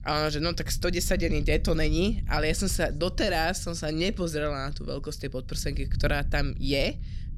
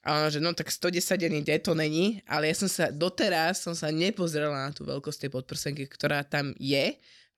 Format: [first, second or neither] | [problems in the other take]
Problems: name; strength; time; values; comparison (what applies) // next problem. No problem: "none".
second | low rumble; faint; throughout; 25 dB below the speech